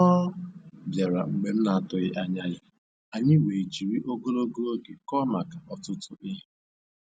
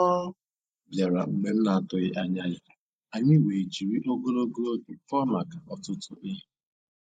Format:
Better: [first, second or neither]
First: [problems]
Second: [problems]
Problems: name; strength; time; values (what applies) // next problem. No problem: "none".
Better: first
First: none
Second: noise reduction (neural mask model Resemble Enhance denoiser)